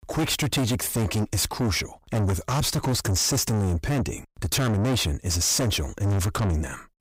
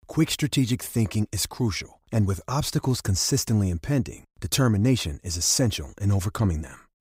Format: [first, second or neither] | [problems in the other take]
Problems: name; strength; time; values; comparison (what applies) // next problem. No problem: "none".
second | distortion; heavy; 5 dB below the speech